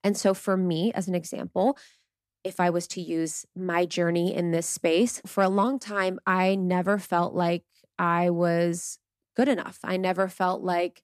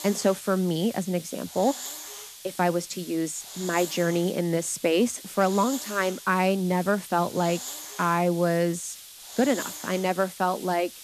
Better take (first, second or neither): first